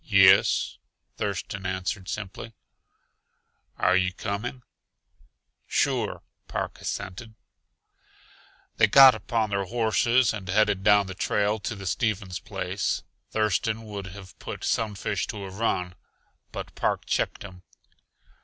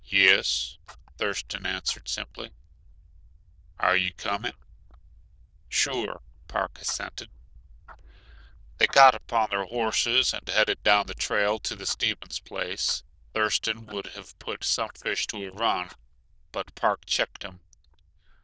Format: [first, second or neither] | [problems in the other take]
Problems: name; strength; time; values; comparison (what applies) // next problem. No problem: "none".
first | noise reduction (neural diffusion model UNIVERSE++)